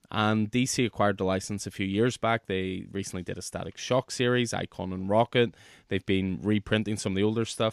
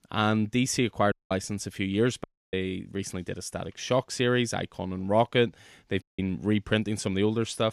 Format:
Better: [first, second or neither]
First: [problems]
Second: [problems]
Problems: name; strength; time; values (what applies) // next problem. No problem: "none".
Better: first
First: none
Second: audio cutting out; at 1 s, at 2 s and at 6 s